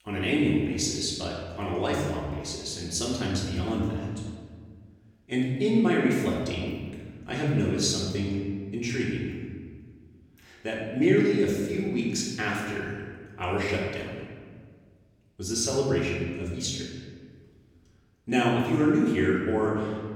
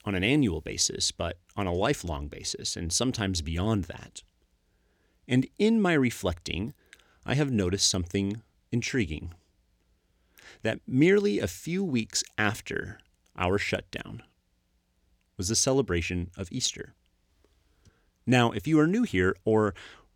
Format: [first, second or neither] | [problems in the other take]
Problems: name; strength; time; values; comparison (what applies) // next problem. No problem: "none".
second | off-mic speech; far // room echo; noticeable; dies away in 1.5 s